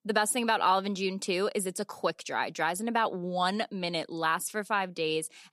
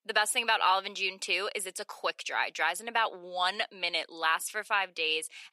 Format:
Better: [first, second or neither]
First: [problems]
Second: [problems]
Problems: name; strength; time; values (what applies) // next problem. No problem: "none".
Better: first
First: none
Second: thin; very; fading below 550 Hz